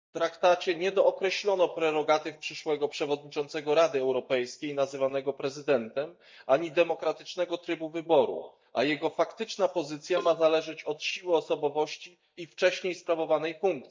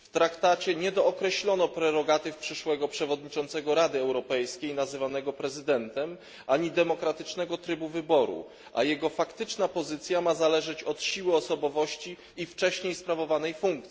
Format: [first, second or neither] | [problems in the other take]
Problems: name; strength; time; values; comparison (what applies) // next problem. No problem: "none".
second | noise reduction (neural mask model DeepFilterNet 3)